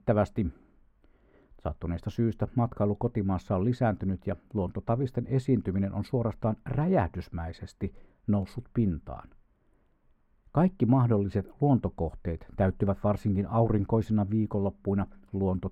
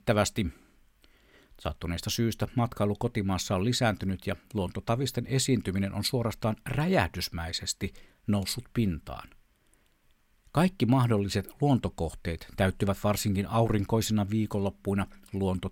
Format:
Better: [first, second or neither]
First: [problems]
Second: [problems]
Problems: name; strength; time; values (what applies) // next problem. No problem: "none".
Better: second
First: muffled; very; fading above 2 kHz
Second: none